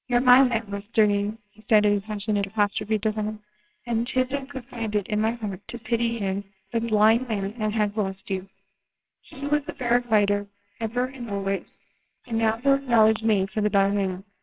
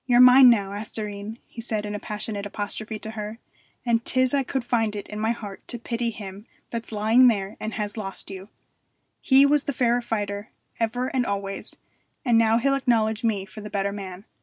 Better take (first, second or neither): second